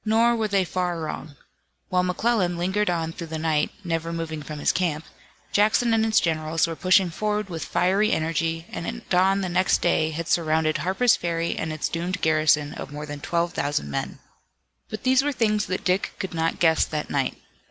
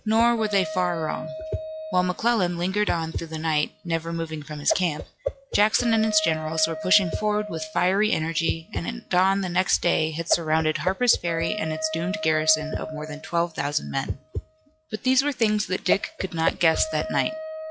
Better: first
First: none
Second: noise reduction (classical method log-MMSE)

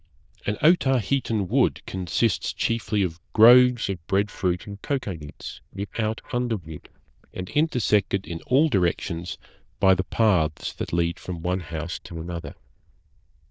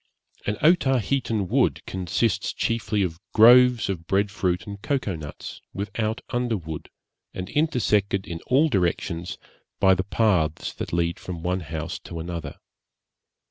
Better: second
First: noise reduction (neural diffusion model UNIVERSE++)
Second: none

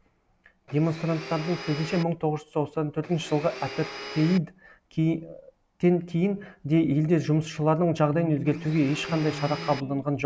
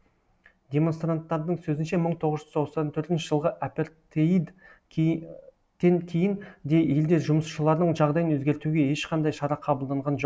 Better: second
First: background sound (Electric guitar + Domestic sounds, home sounds); 11 dB below the speech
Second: none

